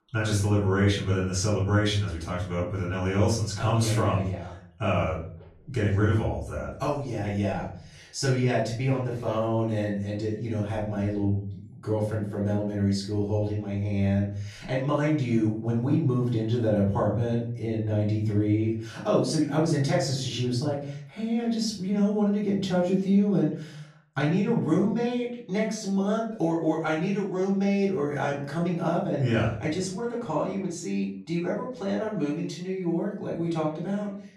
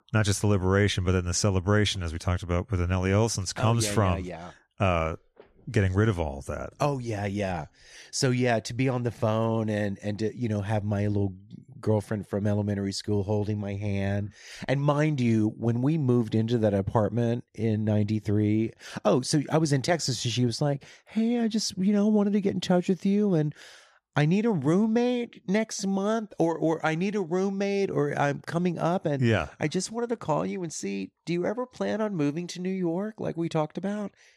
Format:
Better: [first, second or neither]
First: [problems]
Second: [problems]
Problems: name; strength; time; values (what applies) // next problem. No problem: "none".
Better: second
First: off-mic speech; far // room echo; noticeable; dies away in 0.5 s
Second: none